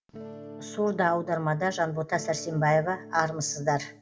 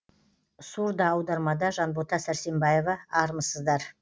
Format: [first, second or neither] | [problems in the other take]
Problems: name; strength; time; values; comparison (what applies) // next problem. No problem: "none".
second | background sound (Electric guitar / Strum); 16 dB below the speech // room echo; dies away in 0.4 s